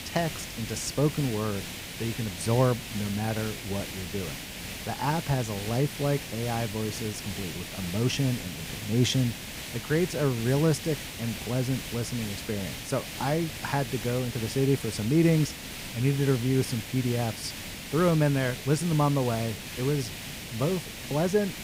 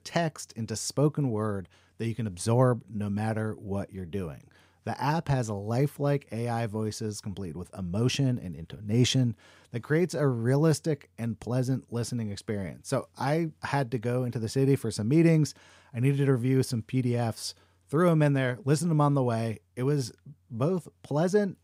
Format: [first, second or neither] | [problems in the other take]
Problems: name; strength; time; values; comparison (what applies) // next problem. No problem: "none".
second | hiss; loud; throughout; 8 dB below the speech